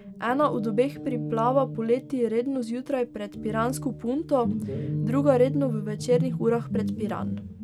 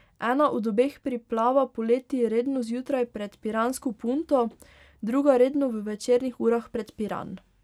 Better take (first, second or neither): second